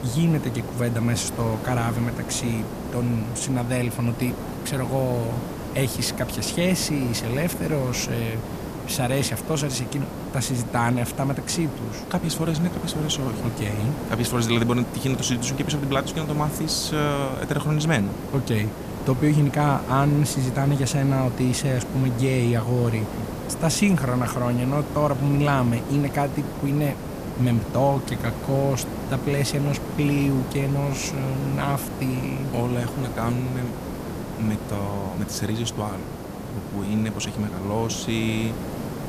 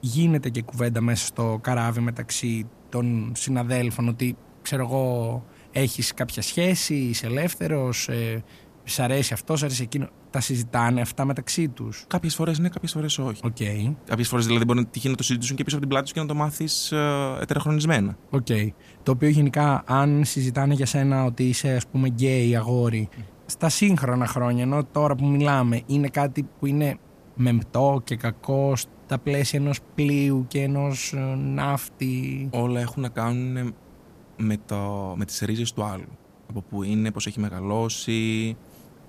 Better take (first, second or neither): second